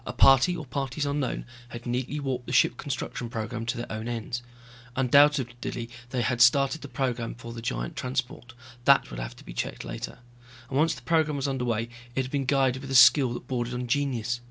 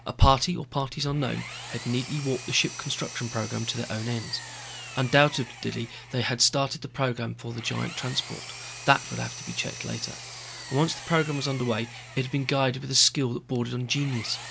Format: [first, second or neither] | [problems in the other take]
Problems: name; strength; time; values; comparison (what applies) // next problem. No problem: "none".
first | background sound (Engine); 14 dB below the speech